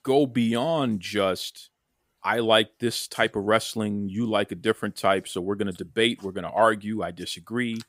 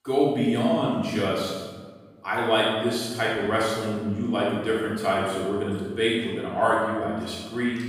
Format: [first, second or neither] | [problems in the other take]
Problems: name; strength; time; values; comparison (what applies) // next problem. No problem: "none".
first | room echo; strong; dies away in 1.3 s // off-mic speech; far